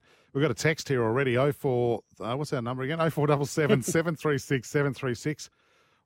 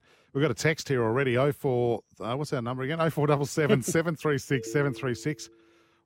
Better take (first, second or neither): first